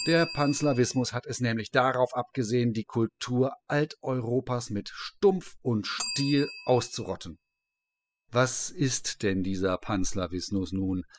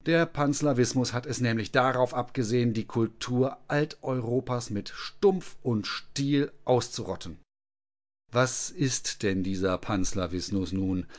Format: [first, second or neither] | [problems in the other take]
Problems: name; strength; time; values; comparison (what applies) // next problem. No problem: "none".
second | noise reduction (classical method spectral subtraction)